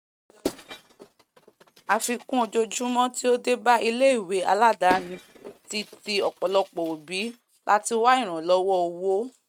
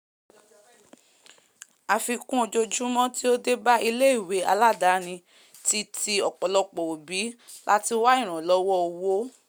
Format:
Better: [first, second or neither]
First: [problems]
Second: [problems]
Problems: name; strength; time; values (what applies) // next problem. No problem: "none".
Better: second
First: noise reduction (neural mask model RNNoise)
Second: none